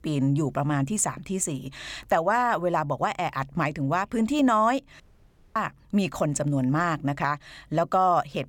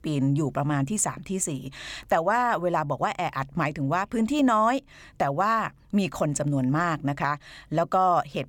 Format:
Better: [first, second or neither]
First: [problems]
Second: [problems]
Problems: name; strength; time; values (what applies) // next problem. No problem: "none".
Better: second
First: audio cutting out; at 5 s for 0.5 s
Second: none